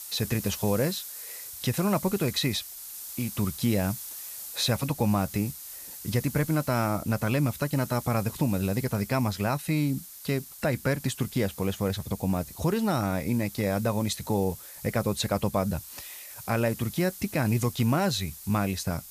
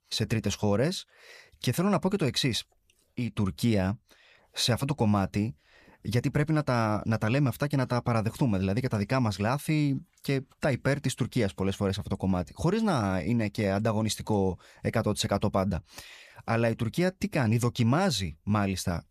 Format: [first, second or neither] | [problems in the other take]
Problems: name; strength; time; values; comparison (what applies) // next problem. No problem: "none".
second | hiss; noticeable; throughout; 10 dB below the speech